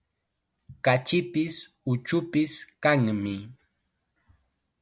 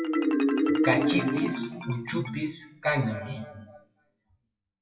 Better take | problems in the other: first | noise reduction (classical method WPE with log-MMSE)

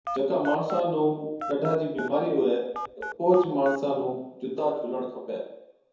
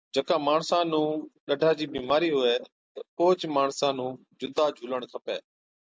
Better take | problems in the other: second | background sound (Telephone); 10 dB below the speech // room echo; dies away in 0.9 s

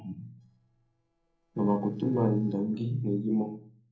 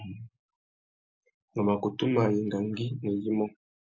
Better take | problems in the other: second | noise reduction (neural separator model SepFormer DNS4)

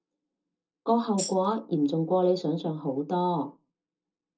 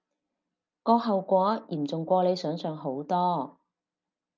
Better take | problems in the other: second | noise reduction (neural separator model SepFormer DNS4)

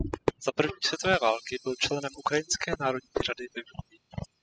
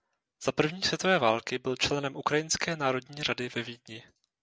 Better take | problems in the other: second | noise reduction (classical method spectral subtraction)

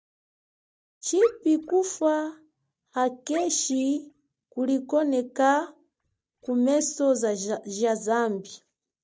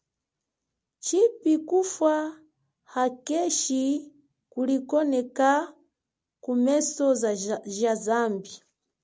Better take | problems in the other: second | noise reduction (neural mask model DeepFilterNet 3)

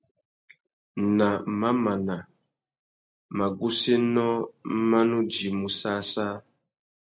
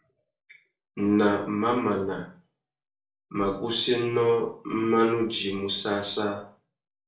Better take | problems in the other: first | room echo; dies away in 0.4 s

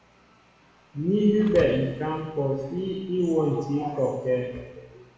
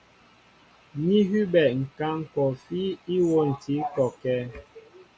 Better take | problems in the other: second | background sound (Thump, thud); 17 dB below the speech // room echo; dies away in 1.2 s

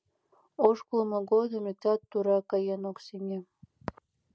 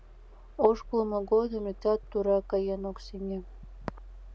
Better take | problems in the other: first | background sound (Bass drum + Mechanisms); 16 dB below the speech

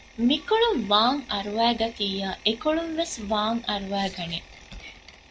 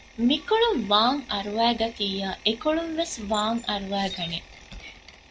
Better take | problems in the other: first | background sound (Chirp, tweet); 17 dB below the speech

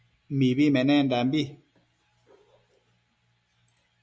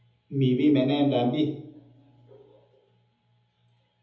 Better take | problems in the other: first | room echo; dies away in 0.7 s

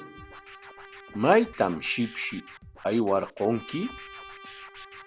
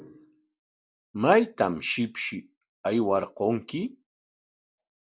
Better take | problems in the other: second | background sound (Scratching (performance technique) + Trumpet); 17 dB below the speech

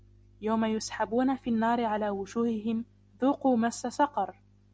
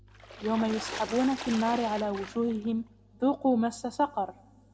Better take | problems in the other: first | background sound (Water / Splash, splatter); 12 dB below the speech // room echo; dies away in 0.8 s

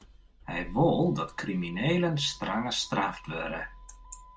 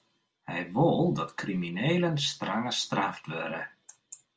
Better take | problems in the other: second | background sound (Motor vehicle (road)); 18 dB below the speech

